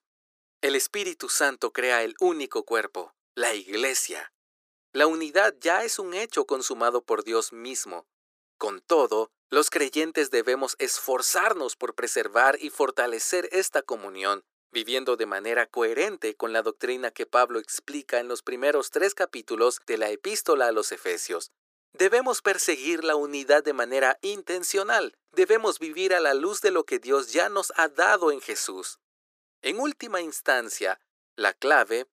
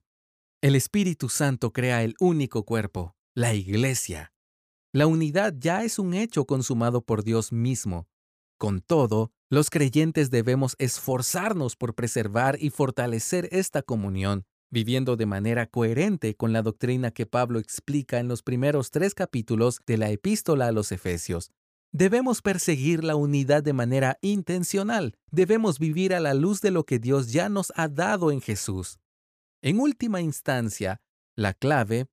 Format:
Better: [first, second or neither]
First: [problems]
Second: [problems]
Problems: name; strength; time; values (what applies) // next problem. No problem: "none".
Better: second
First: thin; very; fading below 350 Hz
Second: none